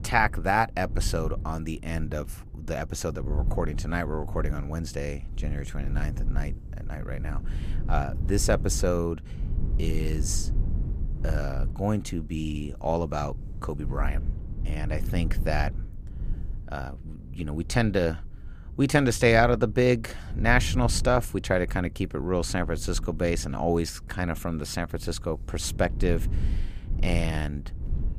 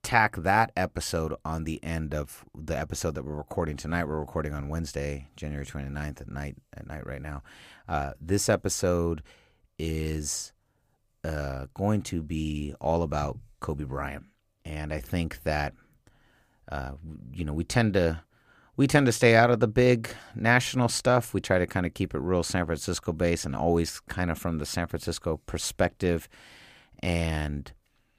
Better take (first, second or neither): second